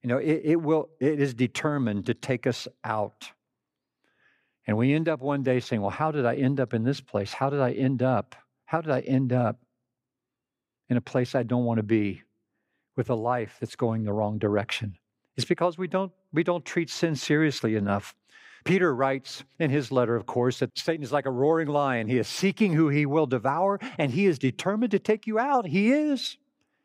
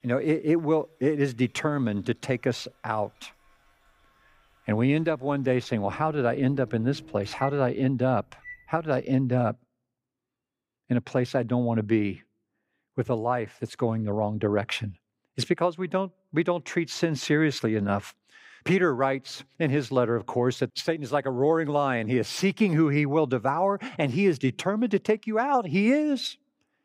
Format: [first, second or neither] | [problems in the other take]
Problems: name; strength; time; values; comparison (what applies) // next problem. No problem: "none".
first | household noises; faint; until 9.5 s; 20 dB below the speech